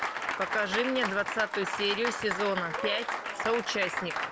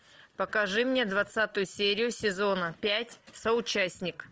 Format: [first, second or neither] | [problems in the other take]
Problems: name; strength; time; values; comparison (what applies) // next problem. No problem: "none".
second | background sound (Applause); 2 dB below the speech